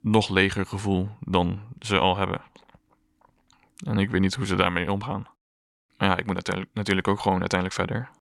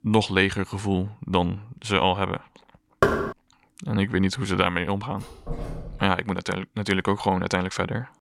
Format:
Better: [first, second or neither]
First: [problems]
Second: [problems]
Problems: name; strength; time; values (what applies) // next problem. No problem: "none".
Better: first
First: none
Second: door banging; loud; at 3 s; peak 2 dB above the speech // door banging; faint; at 5 s; peak 10 dB below the speech